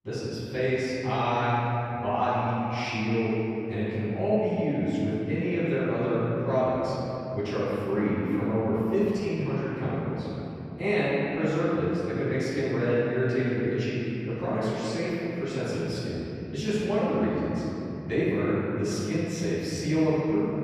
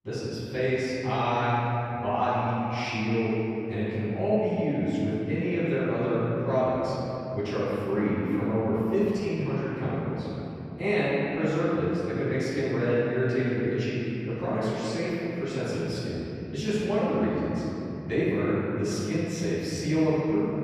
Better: neither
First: off-mic speech; far // room echo; strong; dies away in 3 s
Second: off-mic speech; far // room echo; strong; dies away in 3 s

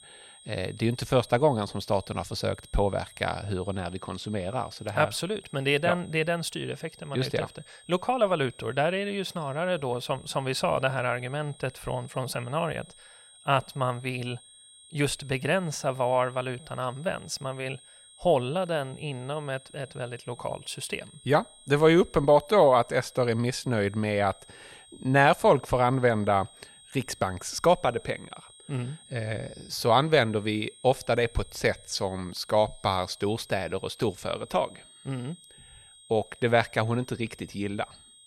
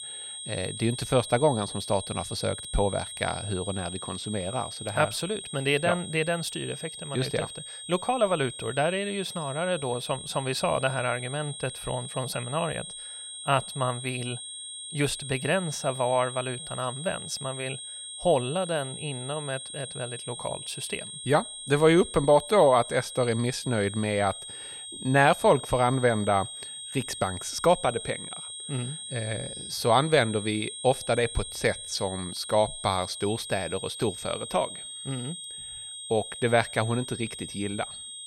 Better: first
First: high-pitched whine; faint; throughout; 8.5 kHz, 25 dB below the speech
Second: high-pitched whine; loud; throughout; 8.5 kHz, 9 dB below the speech

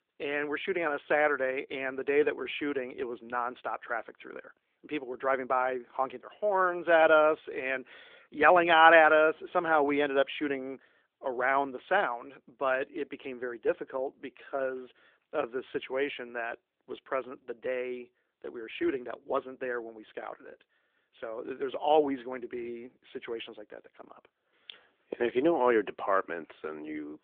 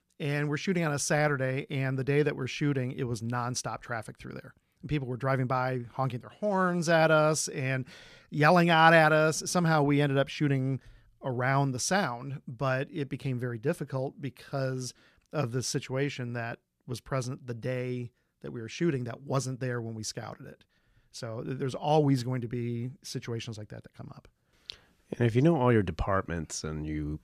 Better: second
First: phone-call audio; nothing above 3.5 kHz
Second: none

